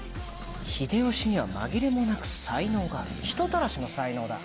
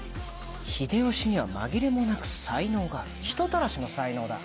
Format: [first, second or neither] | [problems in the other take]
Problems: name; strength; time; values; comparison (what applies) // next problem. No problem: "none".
second | background sound (Animal); 14 dB below the speech